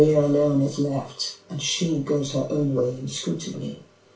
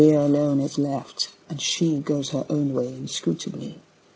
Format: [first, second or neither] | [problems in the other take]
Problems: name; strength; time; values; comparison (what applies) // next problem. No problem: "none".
second | room echo; dies away in 0.2 s